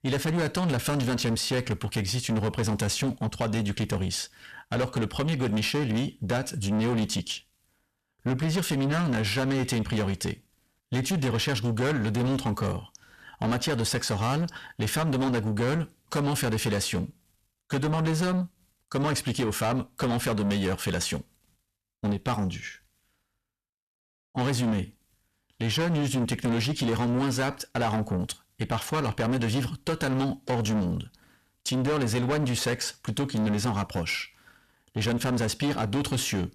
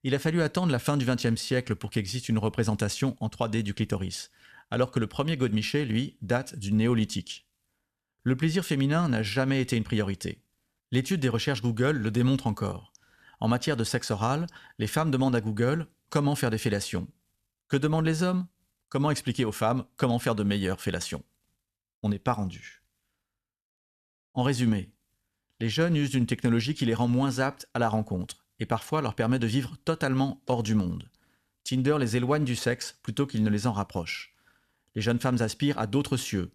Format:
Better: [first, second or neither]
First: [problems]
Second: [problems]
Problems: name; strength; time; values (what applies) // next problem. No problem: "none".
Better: second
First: distortion; heavy; 7 dB below the speech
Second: none